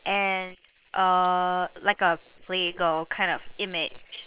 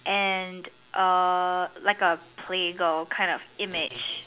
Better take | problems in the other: second | noise reduction (neural separator model SepFormer WHAM!)

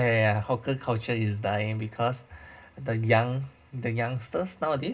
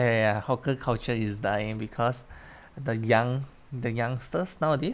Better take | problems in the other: second | room echo; dies away in 0.2 s

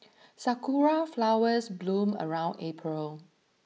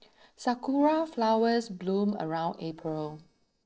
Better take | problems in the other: first | noise reduction (neural separator model SepFormer DNS4)

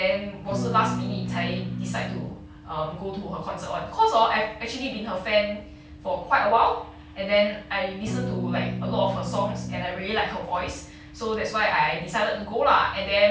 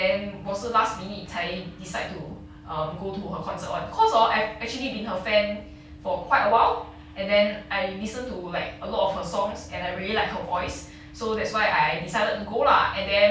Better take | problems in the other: second | background sound (Electric guitar / Strum); 4 dB below the speech

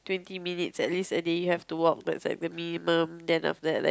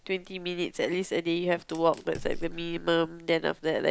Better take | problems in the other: first | background sound (Fire); 13 dB below the speech

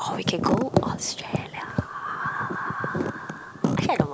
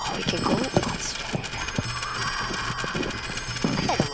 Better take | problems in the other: first | background sound (Coin (dropping) + Clock); 4 dB below the speech

